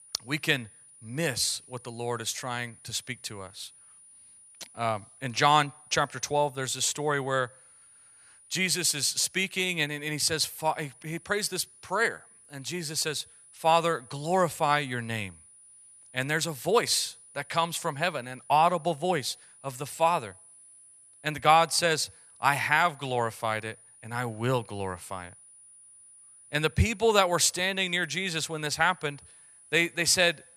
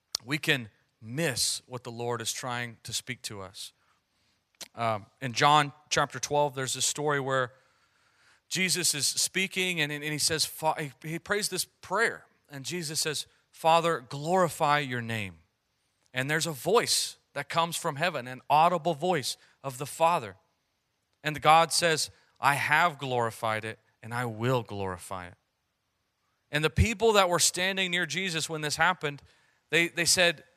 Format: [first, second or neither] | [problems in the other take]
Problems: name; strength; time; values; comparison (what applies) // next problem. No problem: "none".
second | high-pitched whine; faint; throughout; 9.5 kHz, 25 dB below the speech